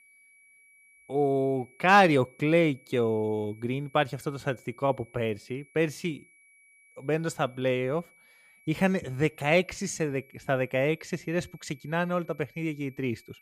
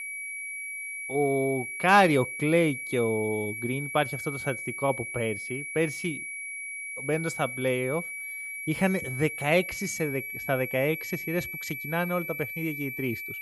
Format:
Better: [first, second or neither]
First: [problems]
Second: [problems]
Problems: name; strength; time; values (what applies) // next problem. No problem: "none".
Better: first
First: high-pitched whine; faint; throughout; 2.5 kHz, 30 dB below the speech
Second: high-pitched whine; loud; throughout; 2.5 kHz, 6 dB below the speech